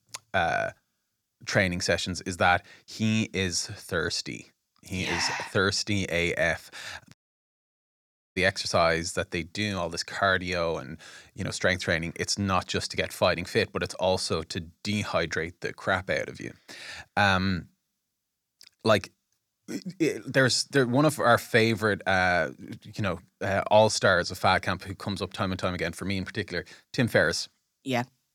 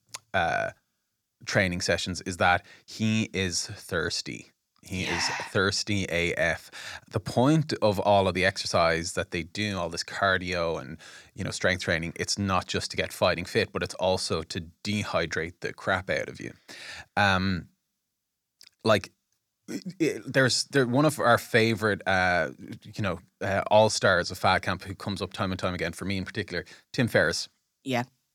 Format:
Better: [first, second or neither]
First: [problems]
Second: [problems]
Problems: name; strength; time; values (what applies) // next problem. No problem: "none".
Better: second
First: audio cutting out; at 7 s for 1 s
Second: none